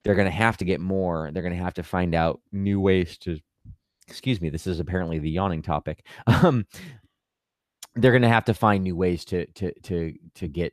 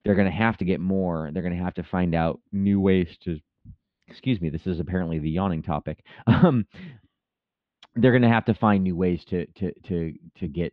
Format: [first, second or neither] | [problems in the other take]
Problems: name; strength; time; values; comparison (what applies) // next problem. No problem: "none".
first | muffled; slightly; fading above 3.5 kHz